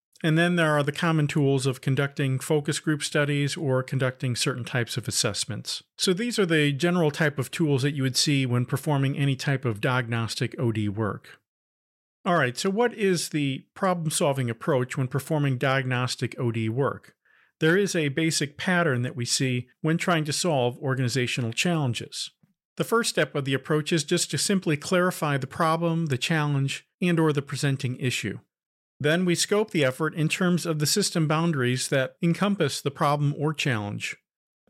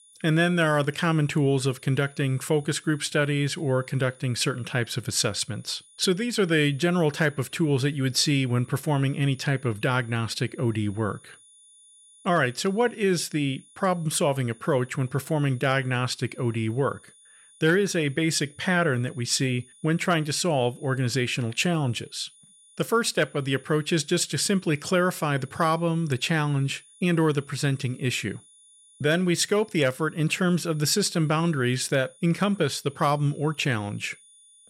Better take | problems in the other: first | high-pitched whine; faint; throughout; 9.5 kHz, 25 dB below the speech

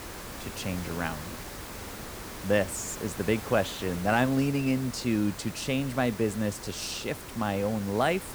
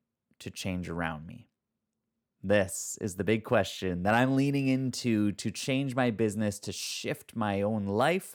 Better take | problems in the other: second | hiss; noticeable; throughout; 10 dB below the speech

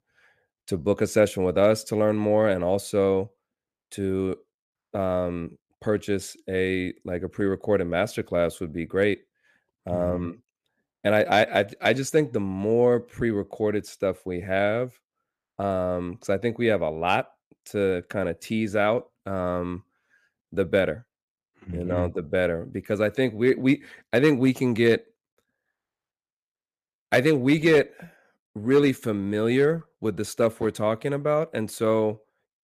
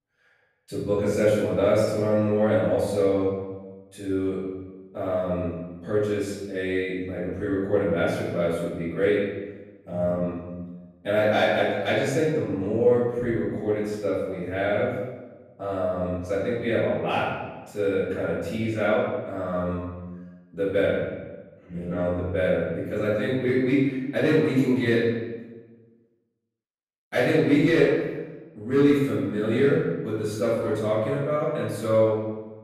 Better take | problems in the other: first | room echo; strong; dies away in 1.1 s // off-mic speech; far

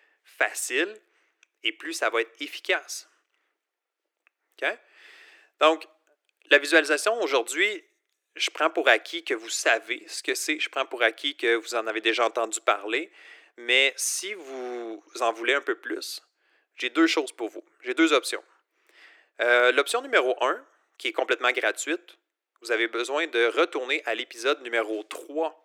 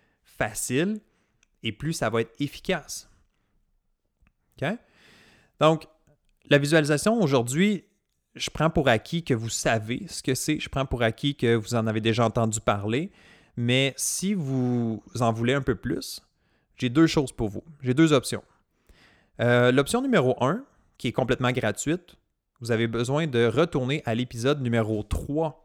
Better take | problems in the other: second | thin; very; fading below 300 Hz

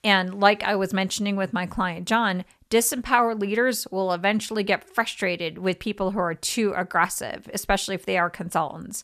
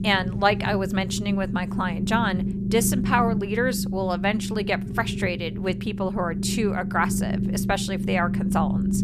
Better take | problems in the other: first | low rumble; loud; throughout; 10 dB below the speech

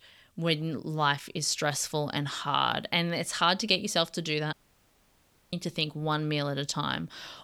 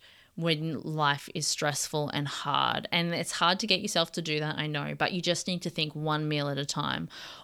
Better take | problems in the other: second | audio cutting out; at 4.5 s for 1 s

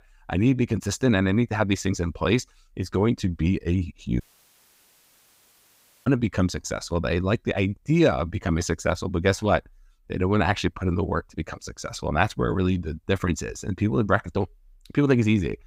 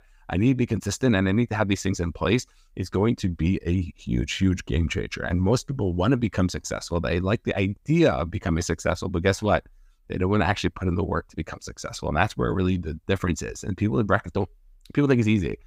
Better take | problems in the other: second | audio cutting out; at 4 s for 2 s

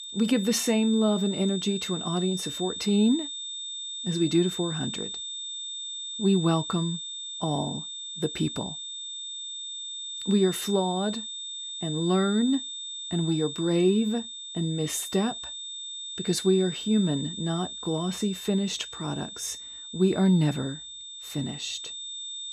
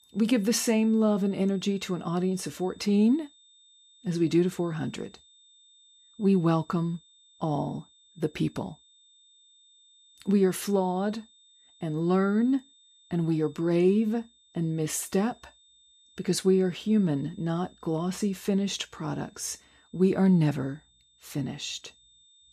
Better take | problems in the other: second | high-pitched whine; loud; throughout; 3.5 kHz, 7 dB below the speech; faint in the second

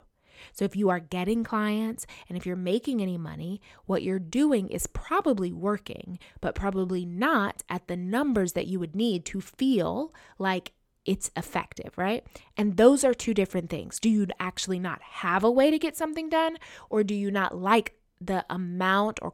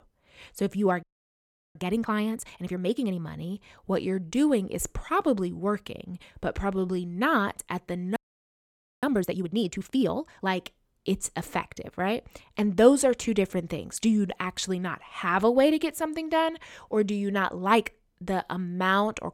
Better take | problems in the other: first | audio freezing; at 1 s for 0.5 s and at 8 s for 1 s

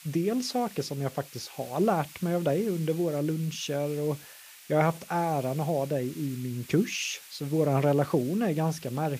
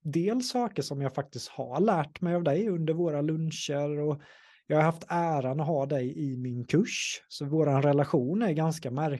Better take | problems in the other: second | hiss; noticeable; throughout; 20 dB below the speech

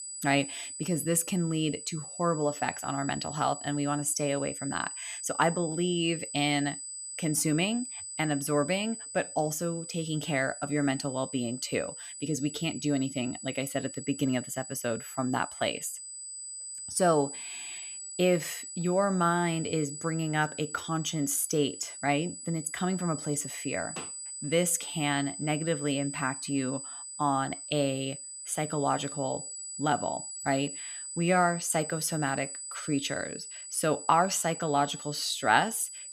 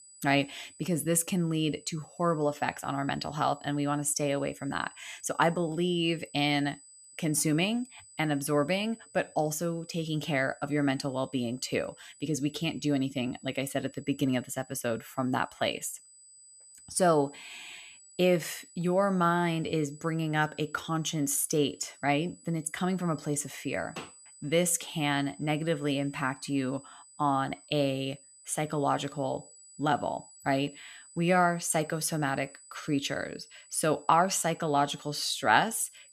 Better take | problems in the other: second | high-pitched whine; loud; throughout; 8 kHz, 8 dB below the speech; faint in the second

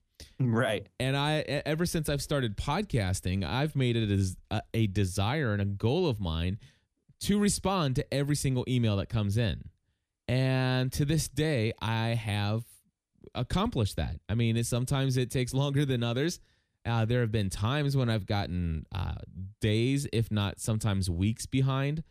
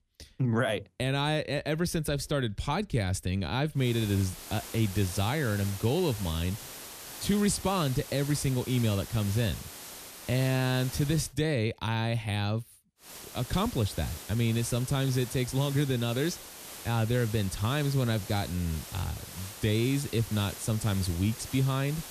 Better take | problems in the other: first | hiss; noticeable; from 4 to 11 s and from 13 s on; 10 dB below the speech

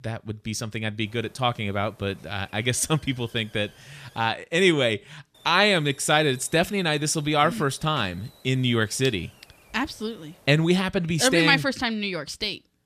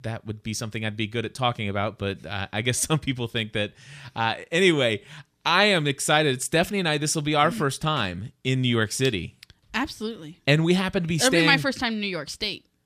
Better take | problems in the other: second | hiss; faint; from 1 to 4.5 s and from 5.5 to 11 s; 30 dB below the speech

